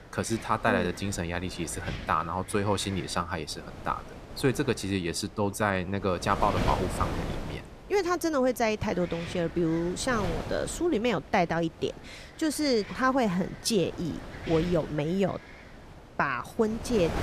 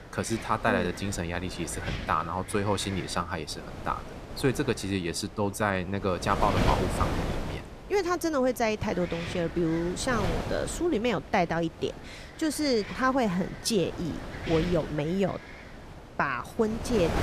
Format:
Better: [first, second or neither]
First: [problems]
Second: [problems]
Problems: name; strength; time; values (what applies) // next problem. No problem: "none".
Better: first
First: wind noise on the microphone; occasional gusts; 15 dB below the speech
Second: wind noise on the microphone; heavy; 9 dB below the speech